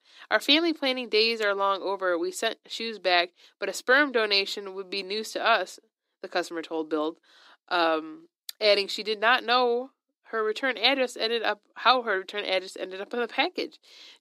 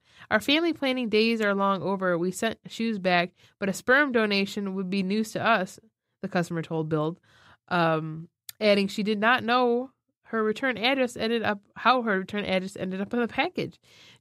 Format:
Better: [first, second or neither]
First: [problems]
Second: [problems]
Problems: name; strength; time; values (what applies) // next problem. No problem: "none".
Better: second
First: thin; somewhat; fading below 300 Hz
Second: none